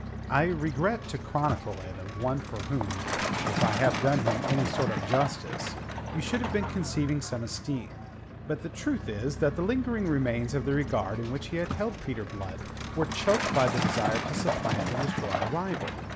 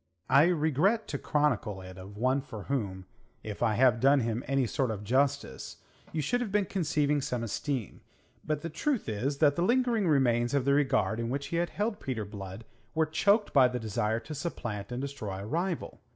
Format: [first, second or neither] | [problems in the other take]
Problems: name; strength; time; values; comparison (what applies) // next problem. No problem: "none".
second | background sound (Truck); 3 dB below the speech